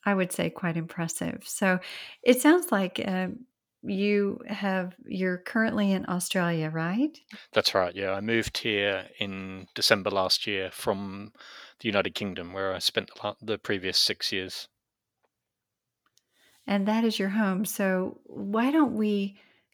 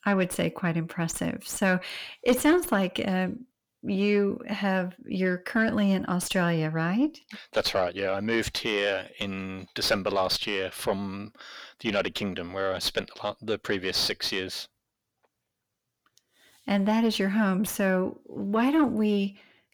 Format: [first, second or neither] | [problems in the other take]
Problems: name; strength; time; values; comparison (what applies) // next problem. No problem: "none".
first | distortion; slight; 10 dB below the speech